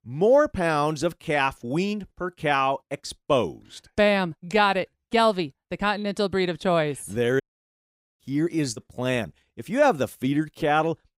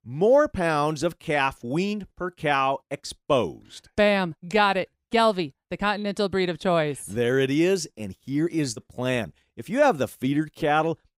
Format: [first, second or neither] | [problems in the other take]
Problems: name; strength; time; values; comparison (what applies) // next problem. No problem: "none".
second | audio cutting out; at 7.5 s for 1 s